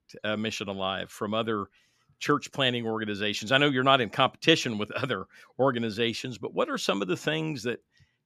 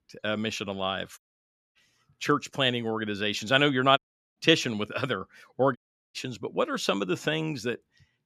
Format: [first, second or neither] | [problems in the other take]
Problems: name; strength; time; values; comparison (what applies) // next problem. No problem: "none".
first | audio cutting out; at 1 s for 0.5 s, at 4 s and at 6 s